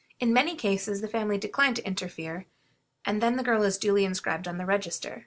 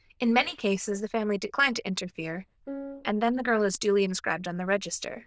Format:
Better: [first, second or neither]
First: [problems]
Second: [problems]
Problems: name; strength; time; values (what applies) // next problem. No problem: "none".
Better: first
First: none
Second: noise reduction (neural diffusion model UNIVERSE++)